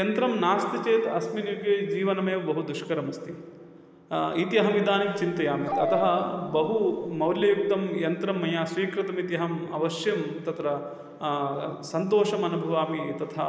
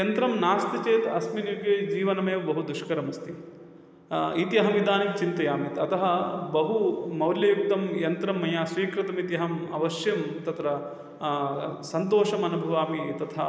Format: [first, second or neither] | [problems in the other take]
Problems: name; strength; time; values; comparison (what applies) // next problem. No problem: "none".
second | background sound (Dog); 7 dB below the speech